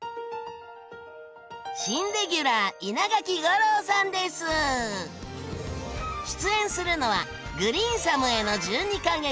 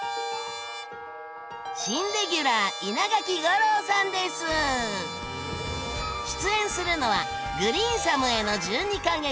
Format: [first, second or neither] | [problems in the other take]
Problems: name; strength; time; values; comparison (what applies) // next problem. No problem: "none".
first | background sound (Wind instrument, woodwind instrument + Trumpet); 8 dB below the speech